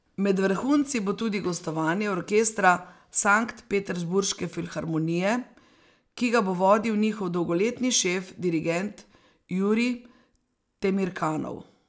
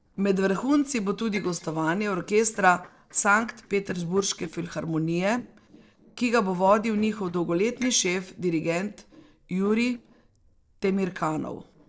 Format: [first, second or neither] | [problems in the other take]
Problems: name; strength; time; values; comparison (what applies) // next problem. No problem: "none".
first | noise reduction (neural separator model SepFormer DNS4)